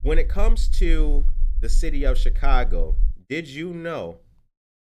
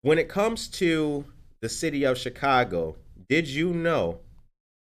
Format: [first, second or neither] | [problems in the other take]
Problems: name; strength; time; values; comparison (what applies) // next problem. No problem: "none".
second | low rumble; faint; until 3 s; 20 dB below the speech